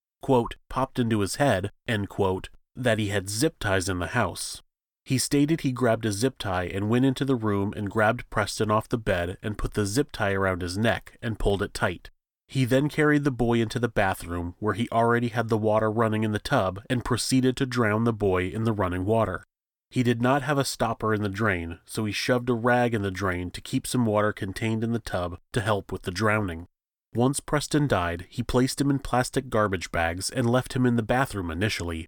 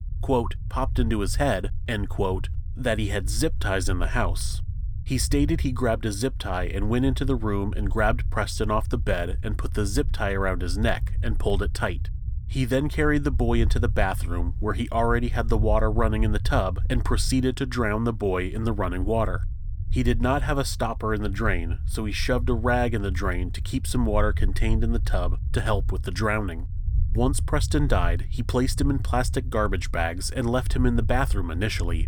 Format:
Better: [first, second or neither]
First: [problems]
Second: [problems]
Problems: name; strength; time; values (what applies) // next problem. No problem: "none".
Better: first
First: none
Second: low rumble; faint; throughout; 20 dB below the speech